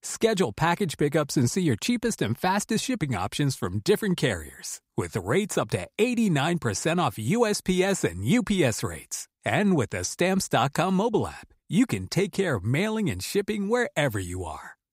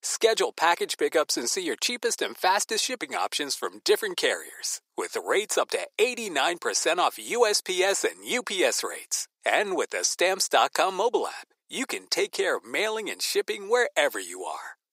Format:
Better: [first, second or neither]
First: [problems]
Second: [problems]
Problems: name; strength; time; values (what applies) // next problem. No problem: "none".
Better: first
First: none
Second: thin; very; fading below 400 Hz